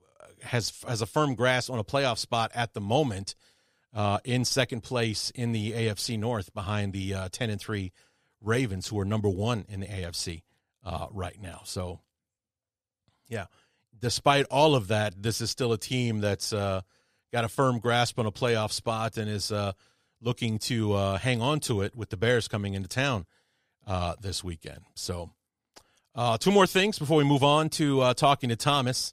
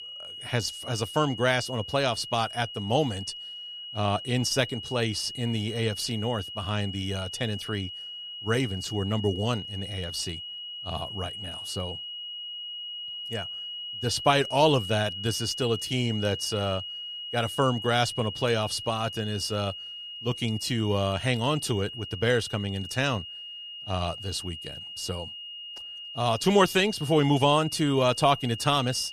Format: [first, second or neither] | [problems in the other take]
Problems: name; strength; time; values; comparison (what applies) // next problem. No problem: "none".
first | high-pitched whine; loud; throughout; 3 kHz, 9 dB below the speech